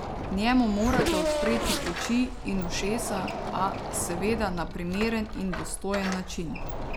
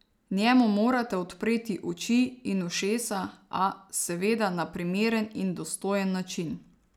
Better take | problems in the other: second | background sound (Race car, auto racing / Accelerating, revving, vroom + Door); 2 dB below the speech

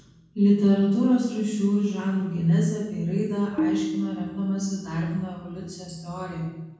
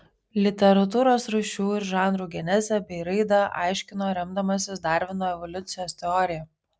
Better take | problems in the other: second | background sound (Tabla); 7 dB below the speech // room echo; dies away in 1.1 s

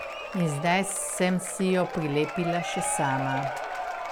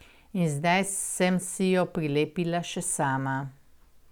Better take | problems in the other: second | background sound (Applause / Crowd / Cheering); 6 dB below the speech

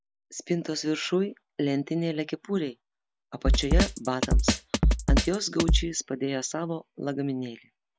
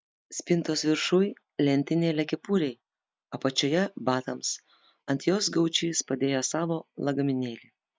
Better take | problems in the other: second | background sound (Drum kit); 2 dB above the speech

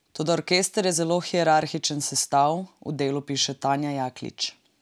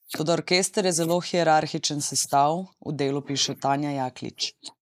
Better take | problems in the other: first | noise reduction (neural mask model Resemble Enhance denoiser)

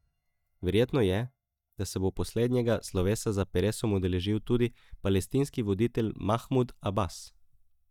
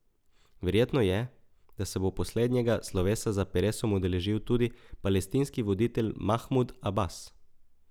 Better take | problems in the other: second | noise reduction (neural mask model DeepFilterNet 3)

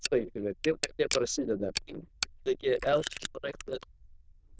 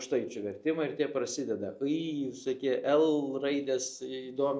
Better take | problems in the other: second | noise reduction (neural diffusion model UNIVERSE++)

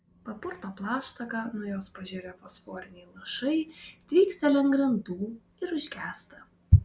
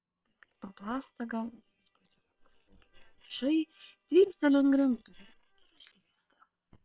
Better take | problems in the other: first | noise reduction (neural separator model SepFormer WHAM!)

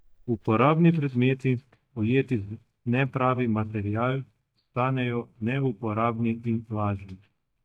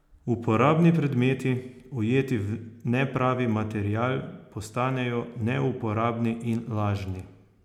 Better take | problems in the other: second | noise reduction (neural mask model DeepFilterNet 3)

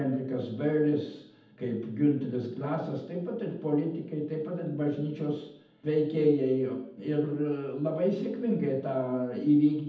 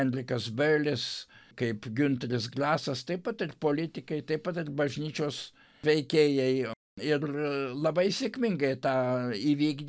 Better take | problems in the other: second | room echo; dies away in 0.8 s

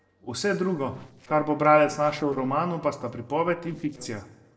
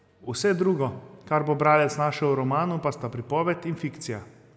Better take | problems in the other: second | noise reduction (neural separator model SepFormer DNS4)

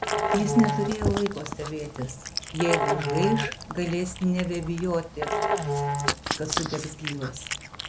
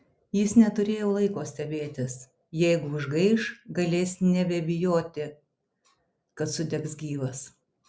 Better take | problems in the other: second | background sound (Cat + Musical instrument); 1 dB below the speech

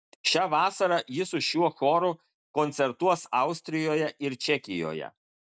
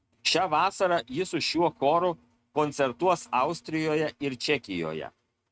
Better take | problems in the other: first | noise reduction (neural mask model RNNoise)

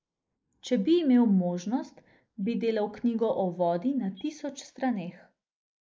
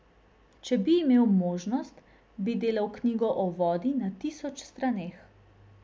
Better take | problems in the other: second | noise reduction (neural mask model Resemble Enhance denoiser)

